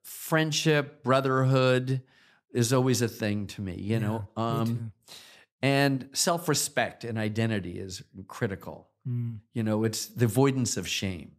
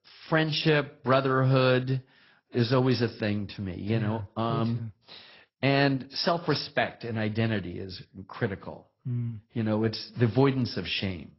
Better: first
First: none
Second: garbled, watery; badly; nothing above 5.5 kHz

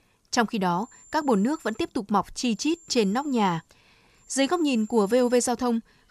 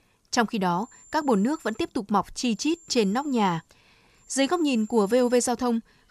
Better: neither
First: high-pitched whine; faint; at 1 s, at 2.5 s and from 4.5 to 5.5 s; 7.5 kHz, 25 dB below the speech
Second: high-pitched whine; faint; at 1 s, at 2.5 s and from 4.5 to 5.5 s; 7.5 kHz, 25 dB below the speech

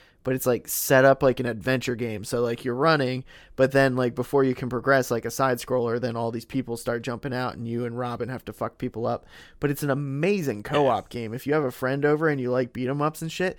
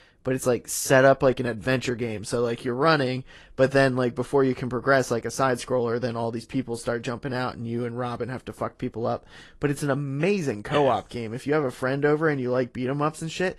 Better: first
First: none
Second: garbled, watery; slightly; nothing above 12.5 kHz

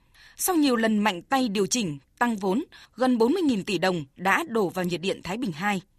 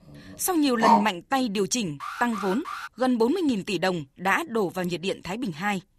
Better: first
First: none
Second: dog barking; loud; at 1 s; peak 4 dB above the speech // alarm; noticeable; at 2 s; peak 9 dB below the speech

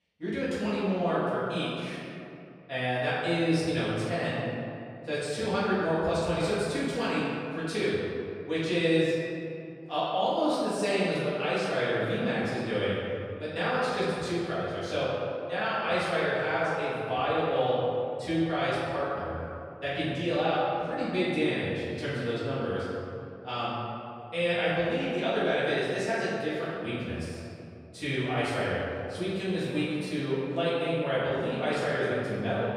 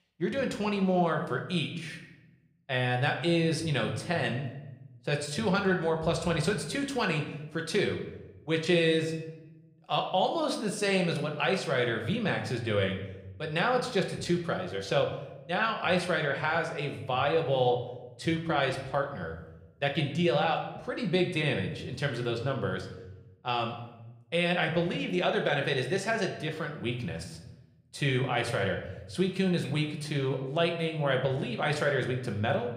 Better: second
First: room echo; strong; dies away in 2.3 s // off-mic speech; far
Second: room echo; slight; dies away in 0.7 s

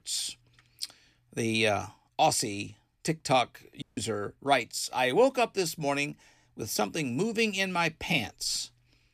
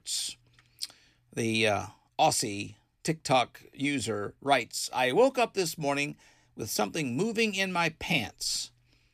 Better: second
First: audio cutting out; at 4 s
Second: none

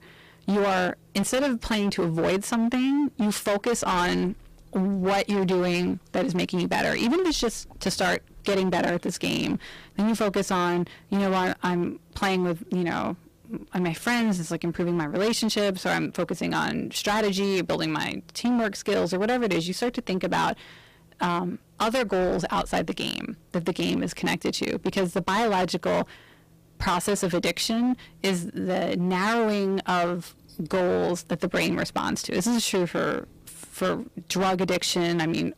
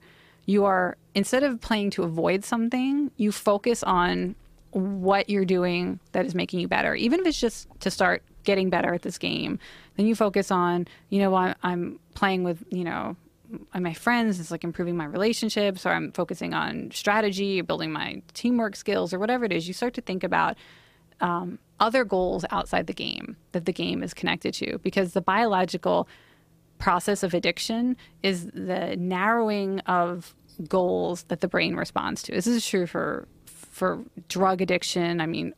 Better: second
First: distortion; heavy; 17% of the sound clipped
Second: none

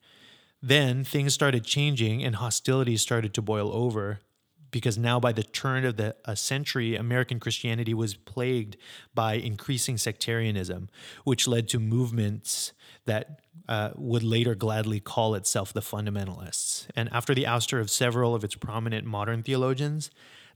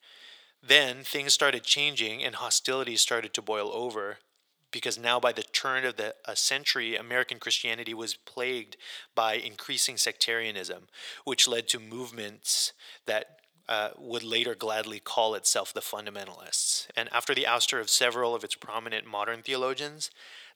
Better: first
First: none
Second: thin; very; fading below 550 Hz

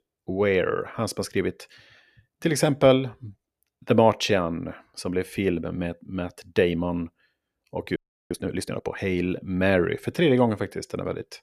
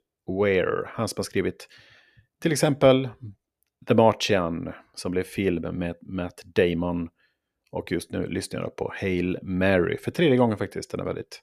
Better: second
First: audio freezing; at 8 s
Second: none

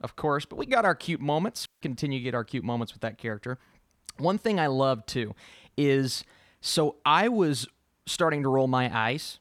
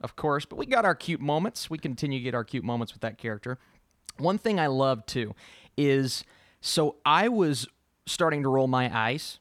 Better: second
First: audio cutting out; at 1.5 s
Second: none

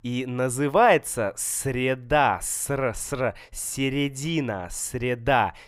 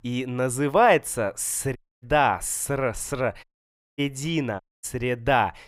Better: first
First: none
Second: audio cutting out; at 2 s, at 3.5 s for 0.5 s and at 4.5 s

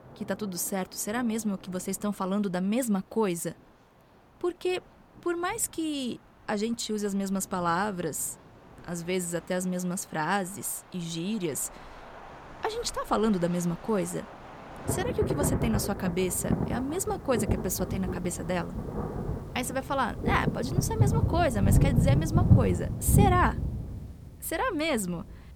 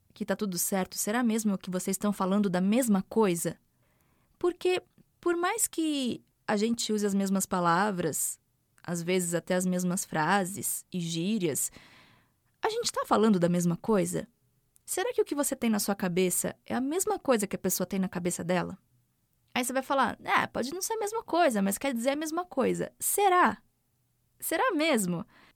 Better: second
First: rain or running water; very loud; throughout; 1 dB above the speech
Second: none

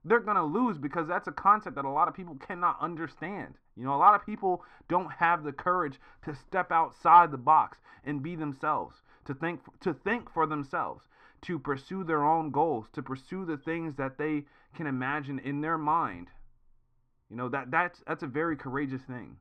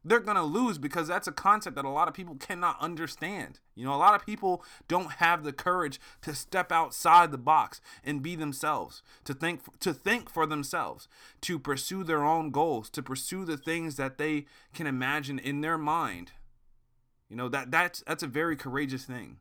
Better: second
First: muffled; very; fading above 1.5 kHz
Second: none

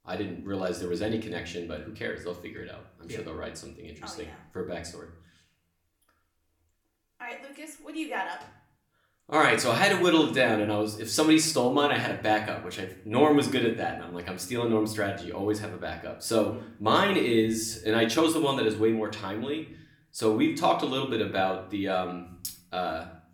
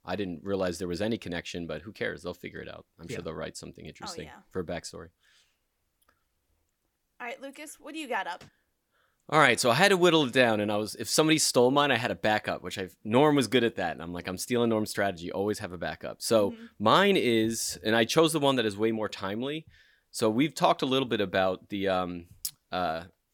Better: second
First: room echo; slight; dies away in 0.5 s // off-mic speech; somewhat distant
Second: none

